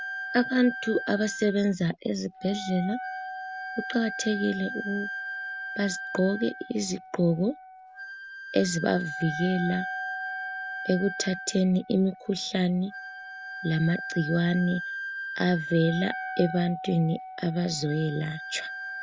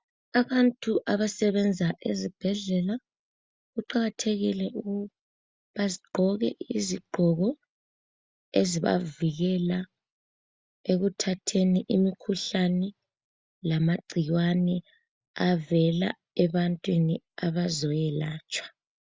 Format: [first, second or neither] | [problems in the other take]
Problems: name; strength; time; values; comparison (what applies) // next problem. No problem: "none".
second | background sound (Wind instrument, woodwind instrument + Wind instrument, woodwind instrument); 9 dB below the speech